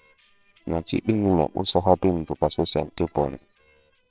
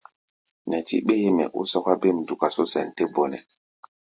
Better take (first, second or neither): second